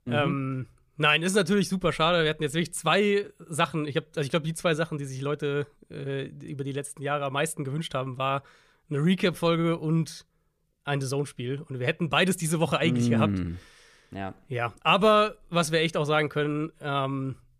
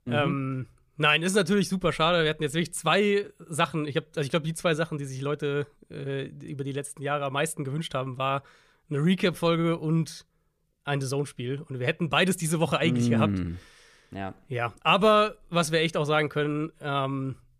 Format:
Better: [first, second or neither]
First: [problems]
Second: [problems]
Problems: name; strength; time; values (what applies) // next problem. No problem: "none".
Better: neither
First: none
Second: none